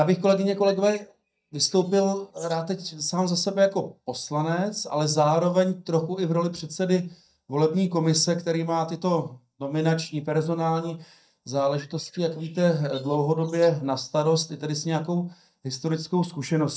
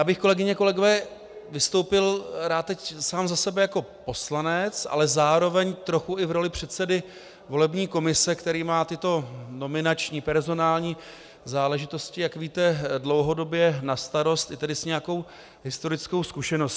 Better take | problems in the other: second | noise reduction (neural mask model DeepFilterNet 3)

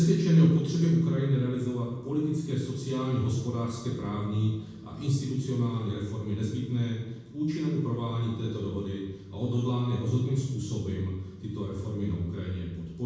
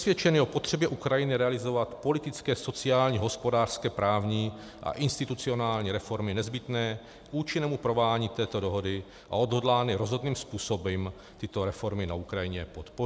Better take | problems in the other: second | room echo; dies away in 1.1 s

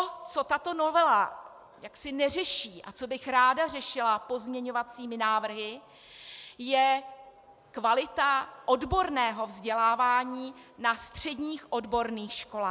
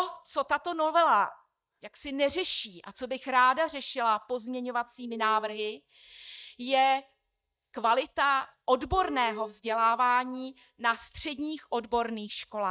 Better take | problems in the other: first | noise reduction (neural mask model DeepFilterNet 3)

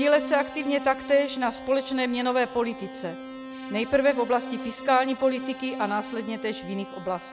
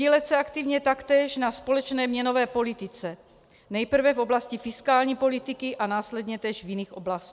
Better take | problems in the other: second | background sound (Keyboard (musical)); 11 dB below the speech

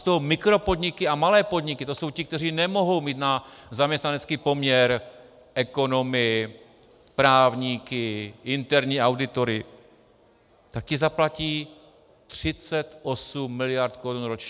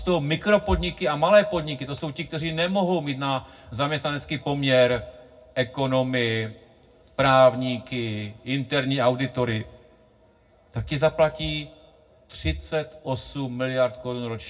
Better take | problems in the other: first | room echo; dies away in 0.3 s

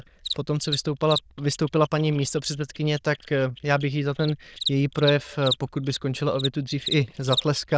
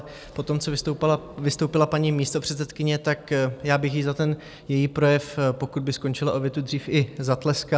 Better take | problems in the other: second | noise reduction (neural diffusion model UNIVERSE++)

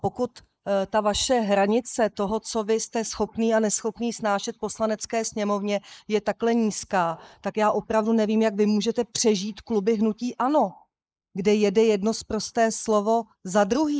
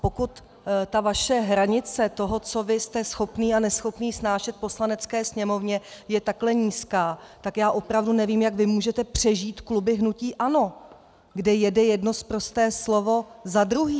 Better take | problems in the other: second | noise reduction (neural mask model Resemble Enhance denoiser)

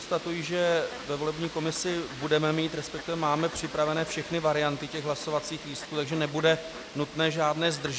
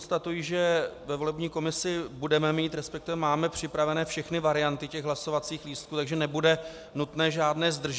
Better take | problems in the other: second | background sound (Fowl); 13 dB below the speech

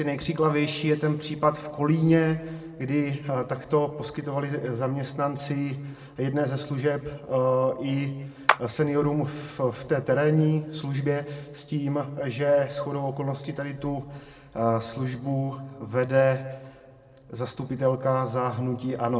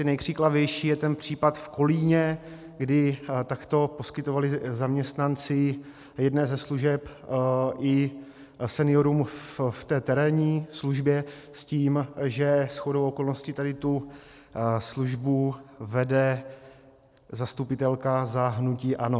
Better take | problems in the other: second | background sound (Clapping); 4 dB below the speech // room echo; dies away in 1.4 s

